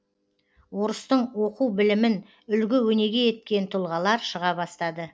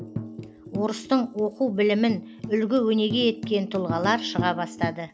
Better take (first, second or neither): first